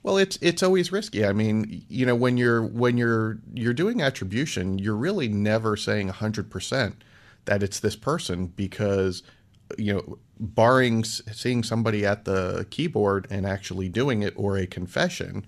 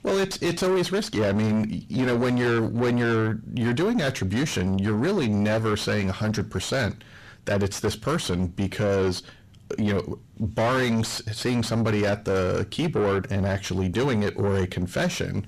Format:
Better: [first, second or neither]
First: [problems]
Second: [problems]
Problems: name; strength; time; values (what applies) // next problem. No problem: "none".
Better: first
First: none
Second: distortion; heavy; 6 dB below the speech